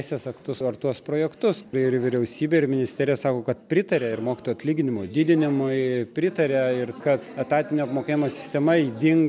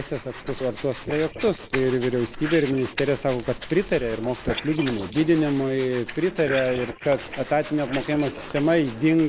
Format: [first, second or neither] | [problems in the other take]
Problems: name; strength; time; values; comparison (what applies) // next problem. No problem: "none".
first | noise reduction (neural mask model Resemble Enhance denoiser)